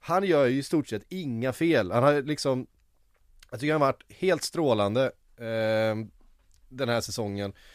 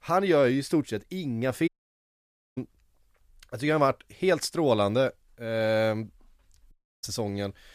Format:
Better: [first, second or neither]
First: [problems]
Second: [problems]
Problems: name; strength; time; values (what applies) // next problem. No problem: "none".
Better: first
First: none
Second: audio cutting out; at 1.5 s for 1 s and at 6.5 s